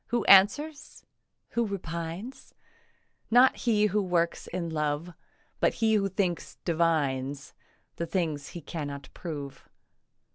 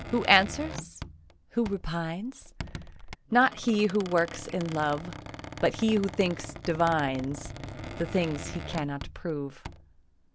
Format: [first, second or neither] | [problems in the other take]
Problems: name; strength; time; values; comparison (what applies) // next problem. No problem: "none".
first | background sound (Squeak); 12 dB below the speech